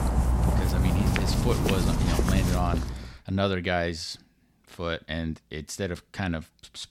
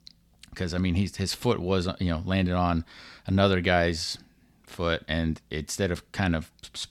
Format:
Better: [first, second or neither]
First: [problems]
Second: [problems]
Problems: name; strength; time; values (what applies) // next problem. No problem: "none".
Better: second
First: animal sounds; very loud; until 3 s; 4 dB above the speech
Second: none